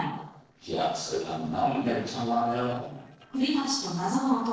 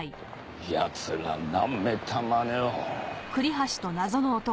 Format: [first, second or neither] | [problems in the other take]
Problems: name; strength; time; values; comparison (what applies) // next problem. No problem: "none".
second | noise reduction (neural separator model SepFormer DNS4)